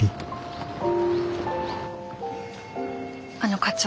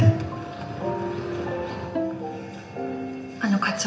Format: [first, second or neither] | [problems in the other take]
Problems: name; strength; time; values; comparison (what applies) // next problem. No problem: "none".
first | background sound (Bowed string instrument); 9 dB below the speech // room echo; dies away in 0.8 s